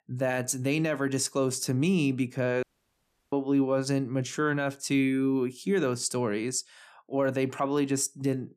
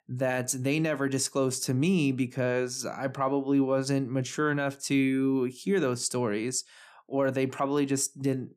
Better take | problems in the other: second | audio cutting out; at 2.5 s for 0.5 s

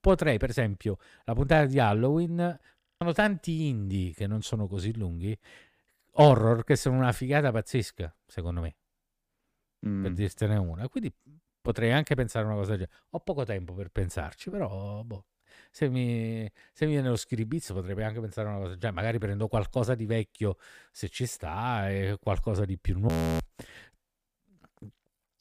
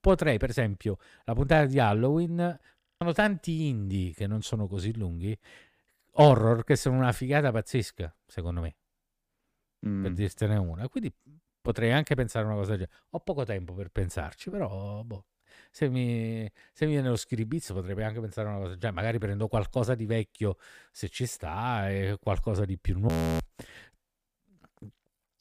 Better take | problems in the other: neither | audio freezing; at 3 s and at 23 s; the same in both

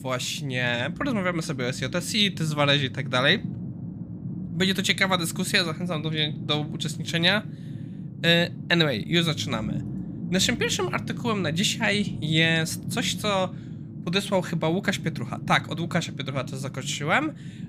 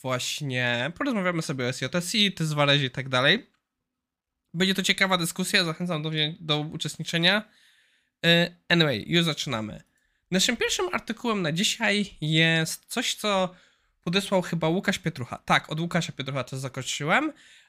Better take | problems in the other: second | low rumble; noticeable; throughout; 20 dB below the speech

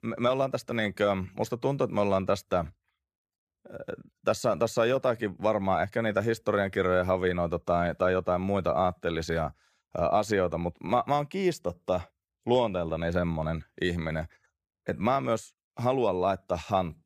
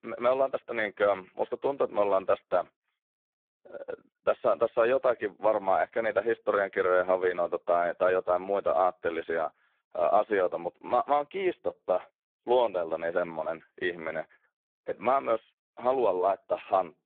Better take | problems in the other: first | phone-call audio; poor line

